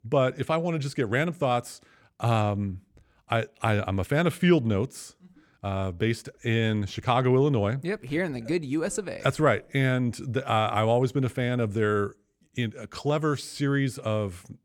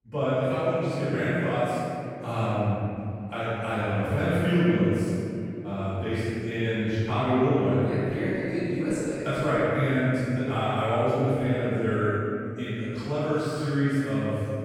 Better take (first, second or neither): first